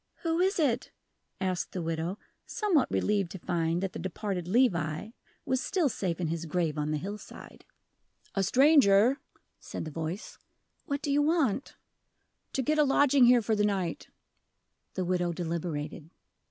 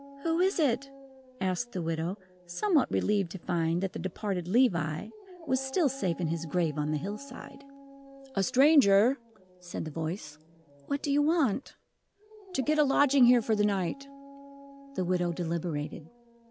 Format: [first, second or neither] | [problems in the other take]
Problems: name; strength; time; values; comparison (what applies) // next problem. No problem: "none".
first | background sound (Dog); 20 dB below the speech